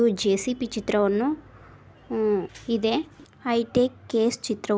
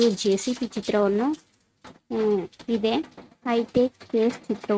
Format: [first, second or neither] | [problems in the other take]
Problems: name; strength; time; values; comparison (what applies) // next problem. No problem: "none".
first | noise reduction (neural mask model RNNoise)